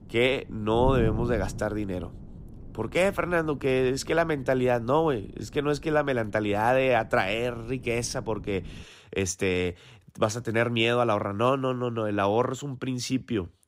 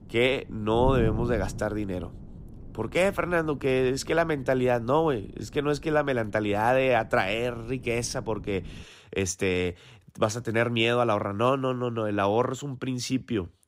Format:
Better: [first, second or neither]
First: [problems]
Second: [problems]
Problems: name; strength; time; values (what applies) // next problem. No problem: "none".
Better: neither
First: wind noise on the microphone; occasional gusts; until 9 s; 20 dB below the speech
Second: wind noise on the microphone; occasional gusts; until 9 s; 20 dB below the speech